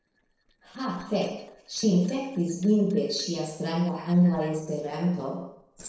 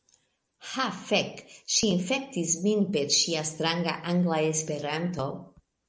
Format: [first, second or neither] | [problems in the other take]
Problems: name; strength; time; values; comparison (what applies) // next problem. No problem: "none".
second | noise reduction (neural separator model SepFormer DNS4)